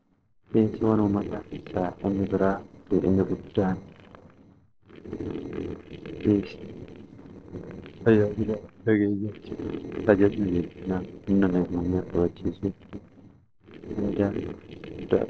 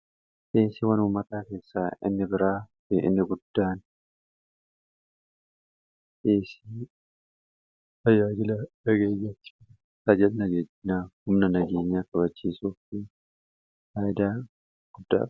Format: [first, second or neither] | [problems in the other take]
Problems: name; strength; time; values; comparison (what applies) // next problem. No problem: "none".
second | noise reduction (neural separator model SepFormer DNS4)